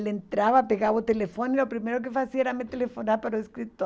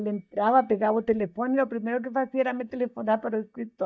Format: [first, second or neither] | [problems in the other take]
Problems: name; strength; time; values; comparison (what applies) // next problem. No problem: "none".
first | noise reduction (neural mask model DeepFilterNet 3)